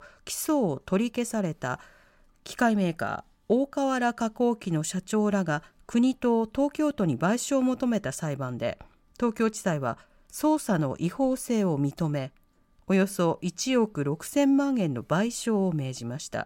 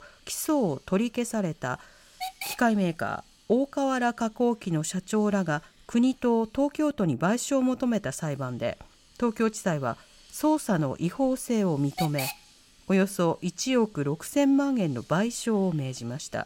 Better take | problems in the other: first | hiss; noticeable; throughout; 10 dB below the speech

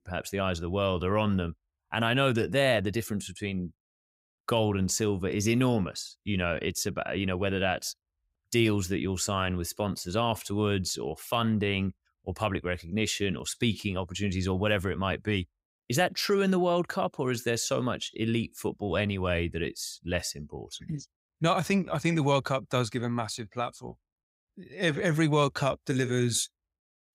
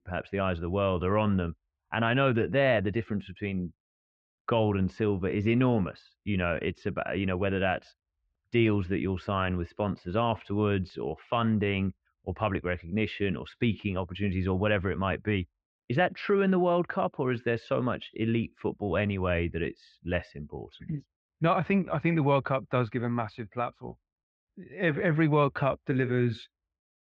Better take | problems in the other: first | muffled; very; fading above 2.5 kHz

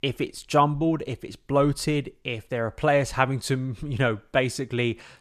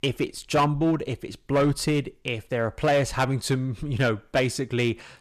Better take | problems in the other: first | distortion; slight; 5% of the sound clipped

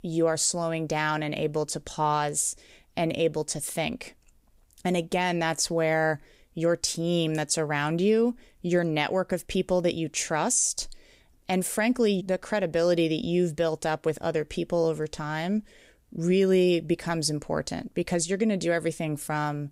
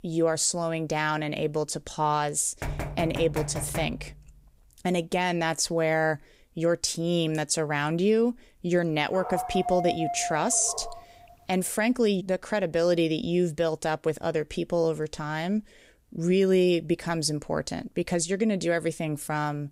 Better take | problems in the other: first | door banging; noticeable; from 2.5 to 4 s; peak 7 dB below the speech // dog barking; noticeable; from 9 to 11 s; peak 3 dB below the speech

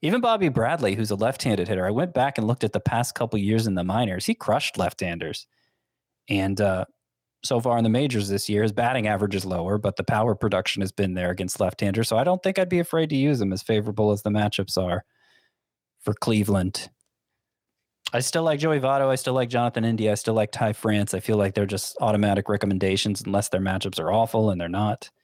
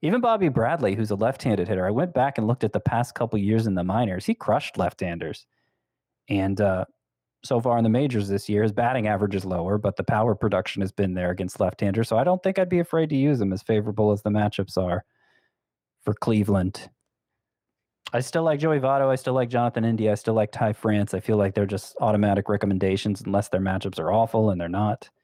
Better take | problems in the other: first | muffled; slightly; fading above 2.5 kHz

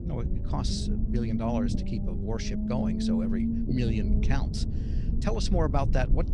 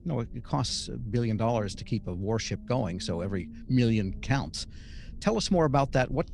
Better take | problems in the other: second | low rumble; loud; throughout; 3 dB below the speech; faint in the second

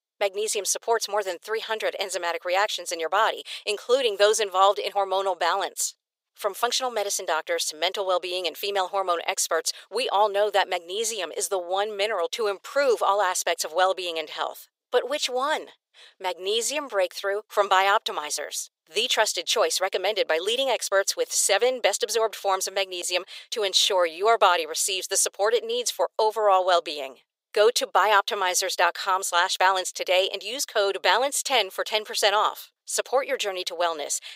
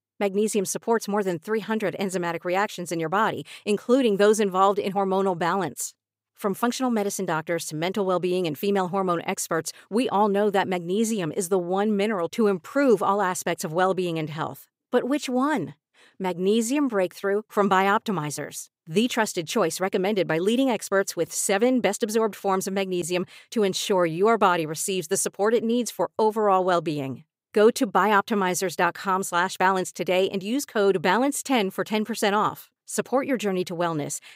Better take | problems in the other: second | thin; very; fading below 500 Hz

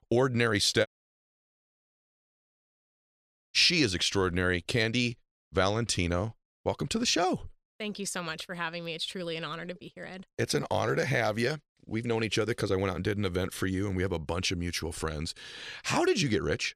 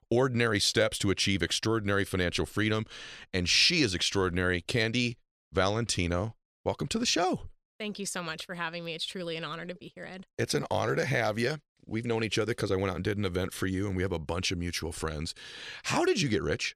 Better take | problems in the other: second | audio cutting out; at 1 s for 2.5 s

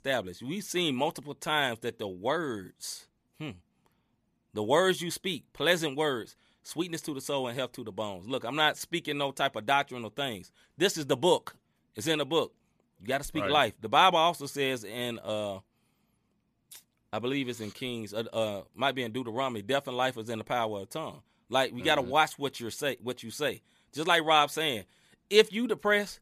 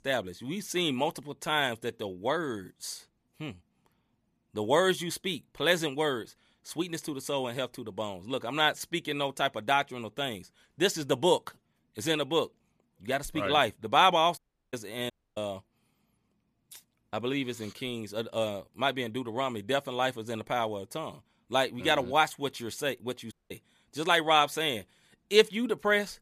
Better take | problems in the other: first | audio cutting out; at 14 s, at 15 s and at 23 s

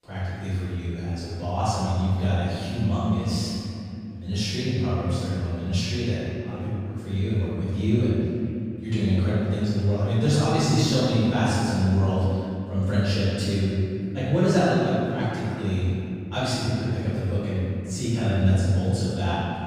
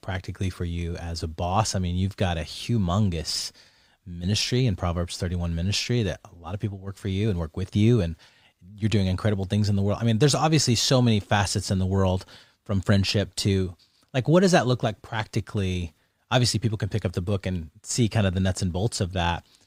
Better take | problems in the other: second | room echo; strong; dies away in 2.8 s // off-mic speech; far

